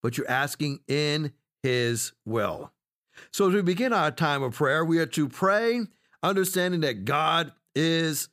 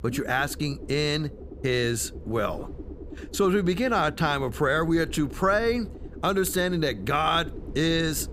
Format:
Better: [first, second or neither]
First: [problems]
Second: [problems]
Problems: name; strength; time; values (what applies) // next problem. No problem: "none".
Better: first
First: none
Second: low rumble; noticeable; throughout; 20 dB below the speech